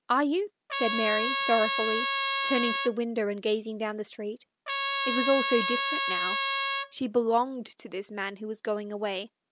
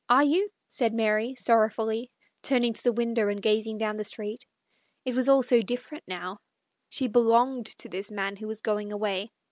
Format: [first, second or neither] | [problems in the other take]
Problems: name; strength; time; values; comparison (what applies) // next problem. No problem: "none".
second | background sound (Trumpet); as loud as the speech